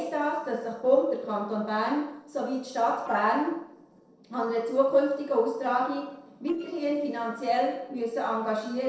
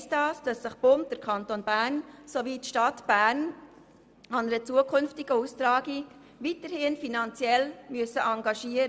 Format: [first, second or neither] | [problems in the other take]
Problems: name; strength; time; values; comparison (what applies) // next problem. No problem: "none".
second | noise reduction (neural separator model SepFormer DNS4)